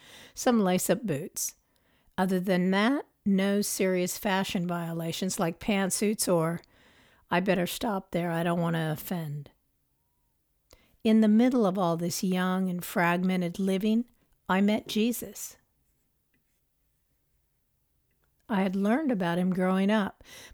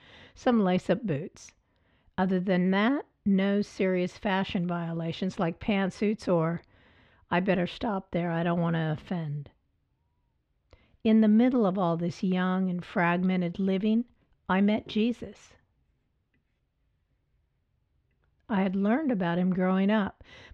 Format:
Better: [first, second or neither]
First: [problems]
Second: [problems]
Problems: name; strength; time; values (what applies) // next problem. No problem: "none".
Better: first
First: none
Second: muffled; slightly; fading above 3.5 kHz